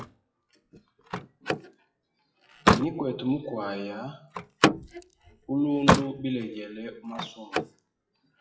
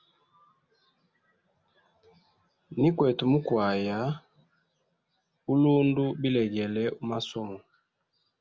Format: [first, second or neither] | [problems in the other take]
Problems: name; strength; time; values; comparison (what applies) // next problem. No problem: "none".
second | noise reduction (classical method WPE with log-MMSE)